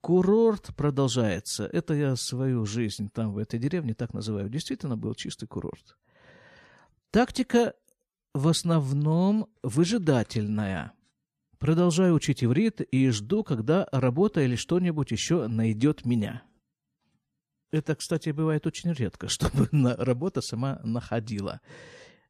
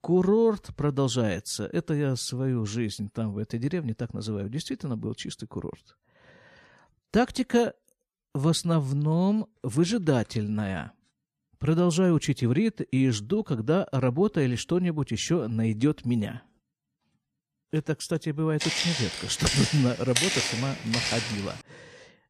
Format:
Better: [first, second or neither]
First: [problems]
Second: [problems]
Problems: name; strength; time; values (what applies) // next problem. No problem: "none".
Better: first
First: none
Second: footsteps; loud; from 19 to 21 s; peak 3 dB above the speech